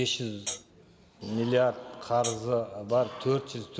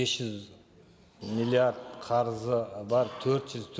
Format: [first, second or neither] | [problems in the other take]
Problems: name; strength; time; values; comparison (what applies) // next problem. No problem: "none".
second | background sound (Hi-hat); 8 dB below the speech